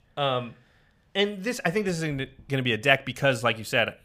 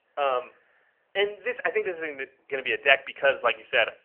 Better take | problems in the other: first | phone-call audio; nothing above 3 kHz

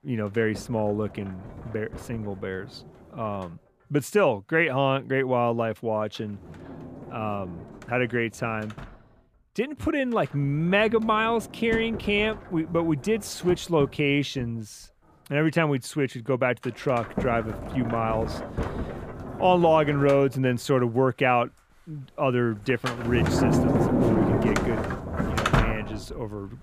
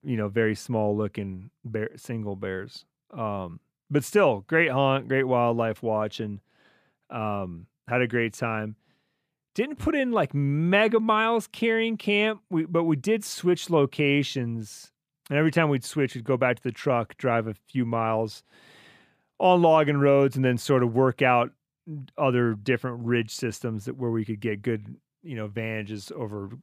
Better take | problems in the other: second | household noises; loud; throughout; 4 dB below the speech

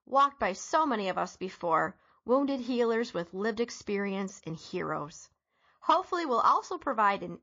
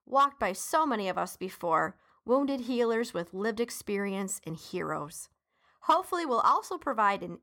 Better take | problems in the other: second | garbled, watery; slightly

